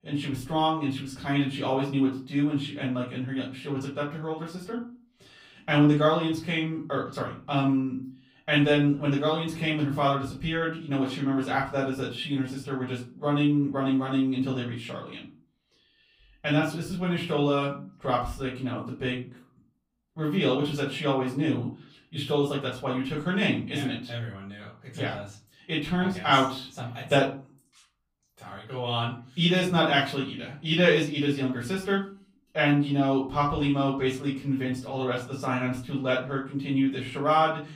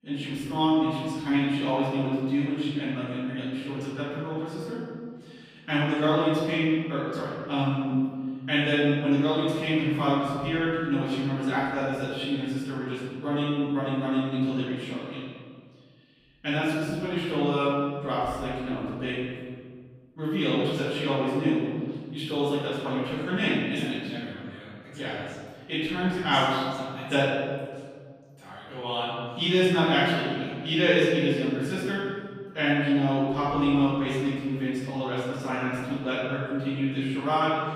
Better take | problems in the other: first | room echo; strong; dies away in 1.8 s; slight in the first // off-mic speech; far; far in the first

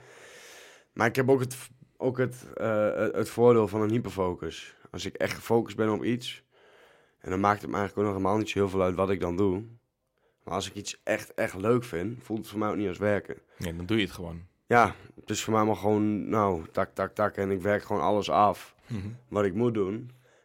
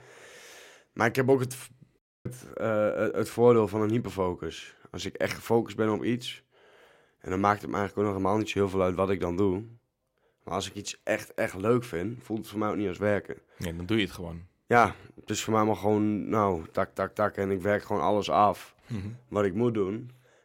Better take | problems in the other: first | audio cutting out; at 2 s

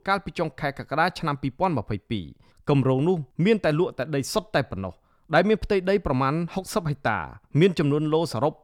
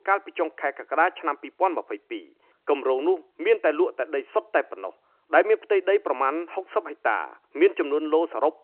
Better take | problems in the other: first | phone-call audio

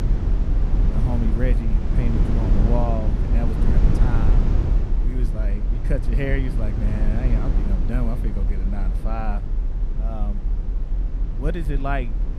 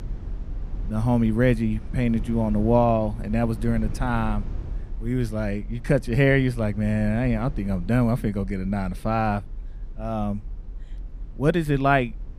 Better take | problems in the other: second | low rumble; loud; throughout; 3 dB below the speech; faint in the second

